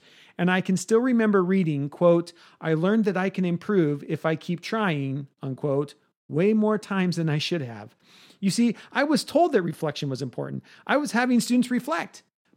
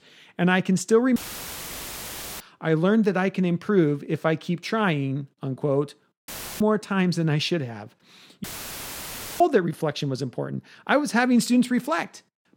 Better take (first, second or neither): first